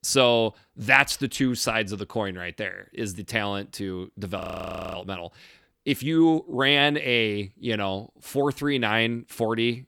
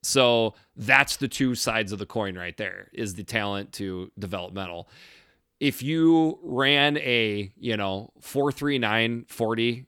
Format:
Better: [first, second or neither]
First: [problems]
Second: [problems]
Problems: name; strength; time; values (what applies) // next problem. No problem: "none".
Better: second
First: audio freezing; at 4.5 s for 0.5 s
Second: none